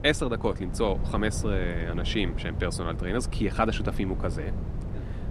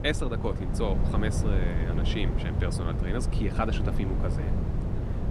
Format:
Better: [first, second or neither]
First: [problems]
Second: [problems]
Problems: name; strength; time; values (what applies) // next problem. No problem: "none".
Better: first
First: wind noise on the microphone; occasional gusts; 15 dB below the speech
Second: wind noise on the microphone; heavy; 4 dB below the speech